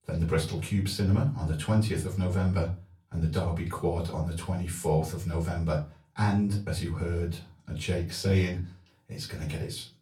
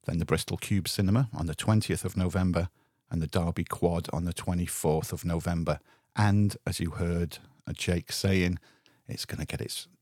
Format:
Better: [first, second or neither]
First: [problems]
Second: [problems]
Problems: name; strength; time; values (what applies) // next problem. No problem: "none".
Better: second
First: off-mic speech; far // room echo; very slight; dies away in 0.3 s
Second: none